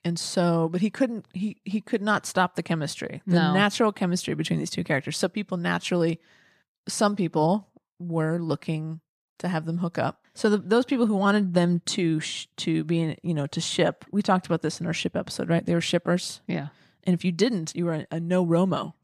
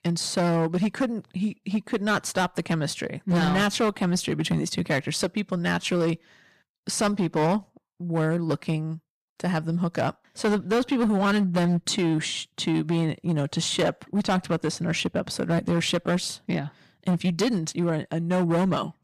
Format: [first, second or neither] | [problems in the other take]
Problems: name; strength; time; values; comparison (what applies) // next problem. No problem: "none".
first | distortion; slight; 11% of the sound clipped